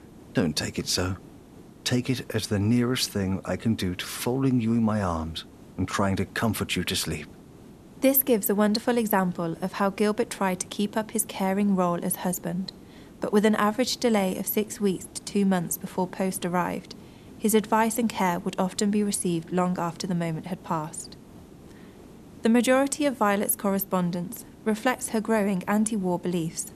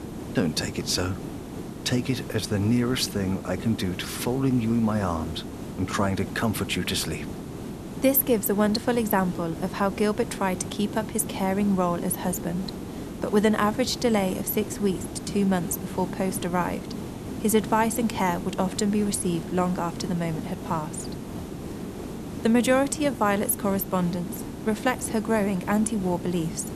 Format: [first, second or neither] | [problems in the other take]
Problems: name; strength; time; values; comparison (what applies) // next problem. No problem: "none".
first | hiss; loud; throughout; 10 dB below the speech; faint in the first